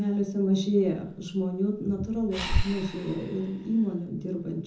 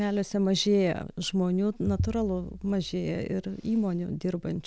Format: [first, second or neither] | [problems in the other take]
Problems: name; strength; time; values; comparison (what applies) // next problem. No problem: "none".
second | background sound (Breathing); 7 dB below the speech // room echo; dies away in 0.6 s